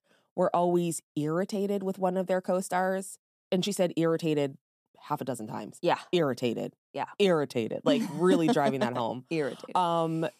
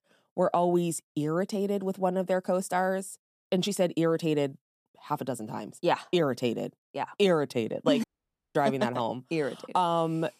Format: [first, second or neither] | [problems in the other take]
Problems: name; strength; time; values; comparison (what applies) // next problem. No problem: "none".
first | audio cutting out; at 8 s for 0.5 s